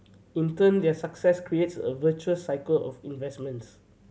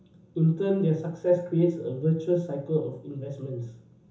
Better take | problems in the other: first | room echo; dies away in 0.7 s

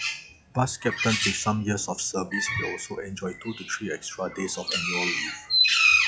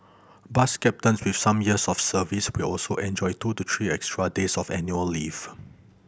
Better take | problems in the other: second | noise reduction (classical method log-MMSE)

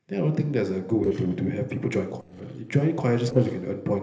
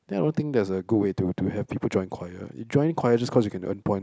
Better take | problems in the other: second | noise reduction (neural separator model SepFormer DNS4)

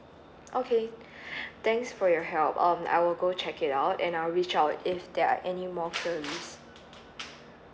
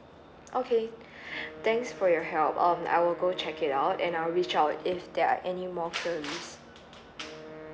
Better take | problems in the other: first | background sound (Wind instrument, woodwind instrument); 17 dB below the speech

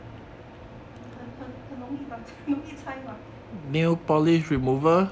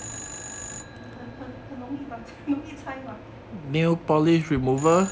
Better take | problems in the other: first | background sound (Telephone); 17 dB below the speech

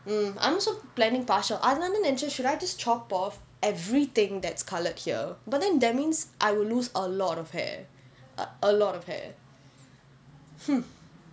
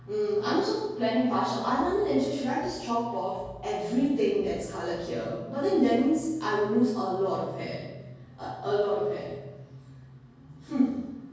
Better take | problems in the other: first | room echo; dies away in 1.3 s

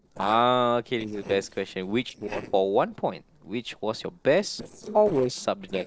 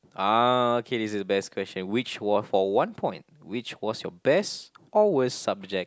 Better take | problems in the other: second | noise reduction (neural separator model SepFormer DNS4)

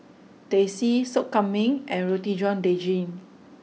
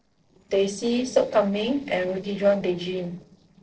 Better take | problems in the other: first | noise reduction (neural separator model SepFormer DNS4)

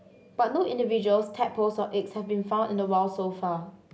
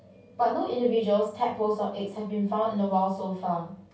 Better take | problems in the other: first | room echo; dies away in 0.2 s

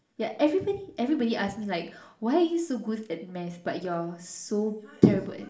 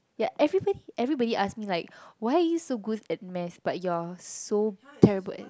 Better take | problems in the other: second | room echo; dies away in 0.5 s

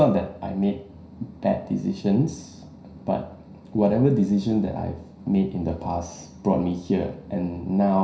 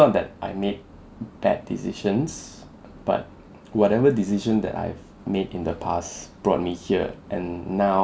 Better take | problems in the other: second | room echo; dies away in 0.5 s

